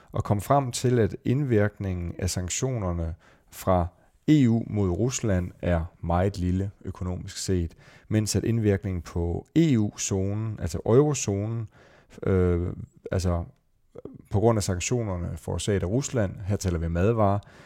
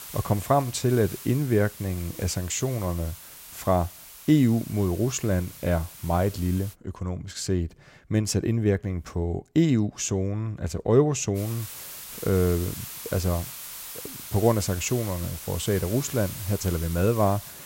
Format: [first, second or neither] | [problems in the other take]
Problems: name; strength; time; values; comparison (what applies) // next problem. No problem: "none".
first | hiss; noticeable; until 6.5 s and from 11 s on; 10 dB below the speech